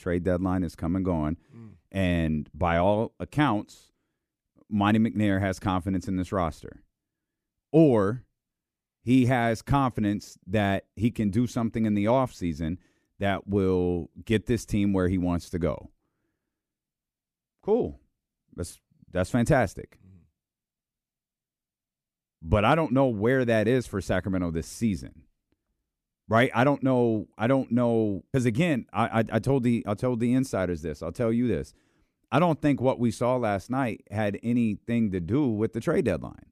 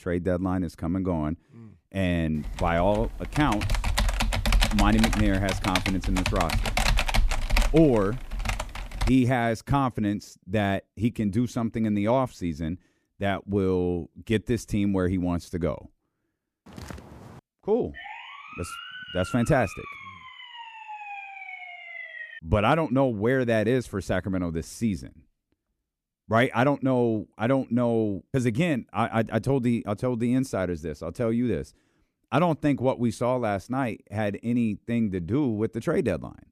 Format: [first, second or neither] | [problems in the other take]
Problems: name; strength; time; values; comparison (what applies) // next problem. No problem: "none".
first | keyboard typing; loud; from 2.5 to 9 s; peak 2 dB above the speech // footsteps; faint; at 17 s; peak 15 dB below the speech // siren; faint; from 18 to 22 s; peak 10 dB below the speech